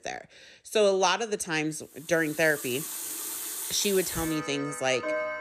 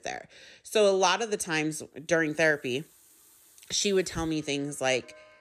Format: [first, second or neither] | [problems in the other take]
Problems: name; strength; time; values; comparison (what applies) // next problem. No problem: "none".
second | household noises; loud; from 2.5 s on; 6 dB below the speech; faint in the second